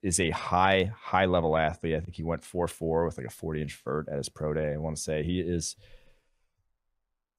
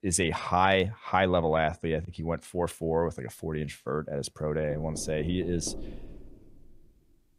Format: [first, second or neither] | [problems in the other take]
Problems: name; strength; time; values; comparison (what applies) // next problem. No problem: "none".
first | door banging; faint; from 4.5 to 7 s; peak 15 dB below the speech